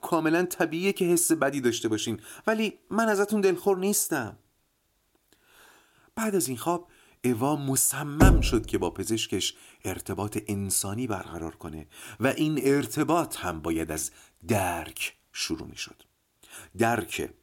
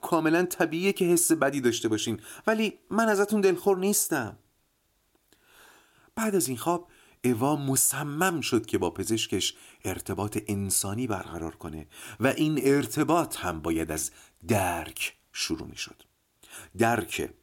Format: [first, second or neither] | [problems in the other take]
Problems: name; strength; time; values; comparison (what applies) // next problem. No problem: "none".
second | door banging; loud; at 8 s; peak 6 dB above the speech